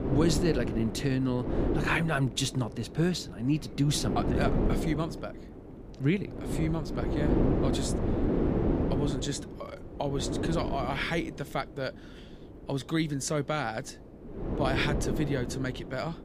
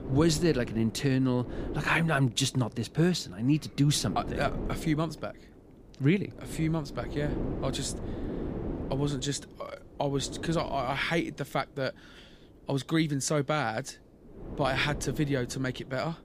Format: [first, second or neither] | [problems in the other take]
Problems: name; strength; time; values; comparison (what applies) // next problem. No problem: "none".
second | wind noise on the microphone; heavy; 3 dB below the speech; occasional gusts in the second